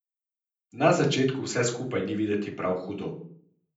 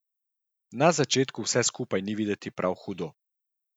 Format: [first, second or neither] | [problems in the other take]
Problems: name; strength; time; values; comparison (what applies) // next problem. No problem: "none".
second | room echo; dies away in 0.6 s